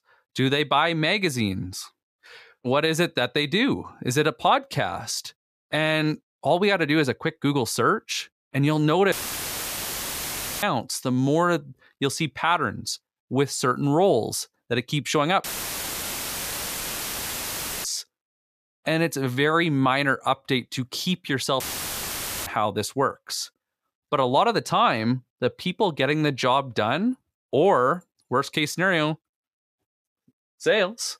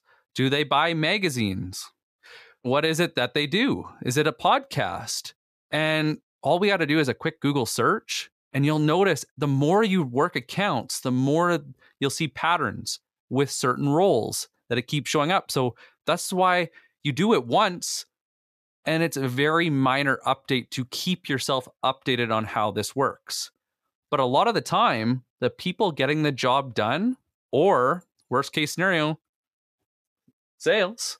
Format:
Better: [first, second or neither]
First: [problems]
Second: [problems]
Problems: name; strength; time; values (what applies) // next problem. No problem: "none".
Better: second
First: audio cutting out; filled with static; at 9 s for 1.5 s, at 15 s for 2.5 s and at 22 s for 1 s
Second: none